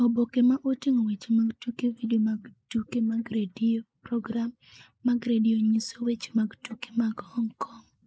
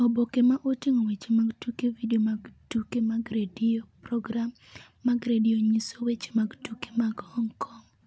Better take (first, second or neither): second